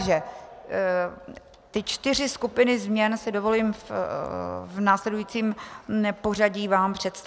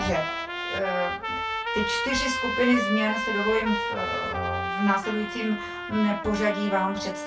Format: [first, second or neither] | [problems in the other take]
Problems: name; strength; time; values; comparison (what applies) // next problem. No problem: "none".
first | background sound (Trumpet); 3 dB below the speech // room echo; dies away in 0.1 s